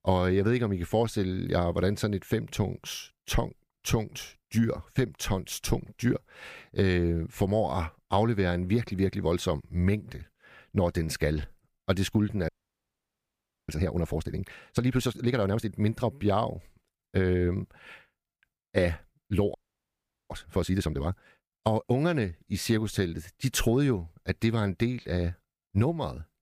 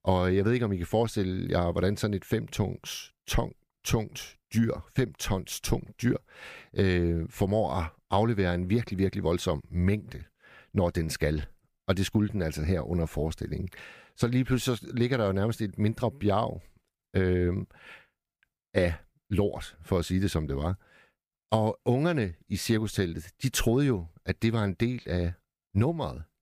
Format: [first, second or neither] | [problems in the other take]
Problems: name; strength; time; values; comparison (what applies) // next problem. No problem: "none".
second | audio freezing; at 12 s for 1 s and at 20 s for 1 s